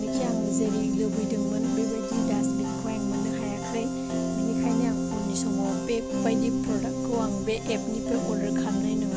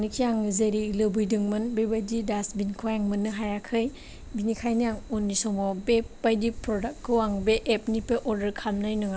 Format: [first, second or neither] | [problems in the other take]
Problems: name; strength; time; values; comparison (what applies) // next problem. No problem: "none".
second | background sound (Piano); 4 dB above the speech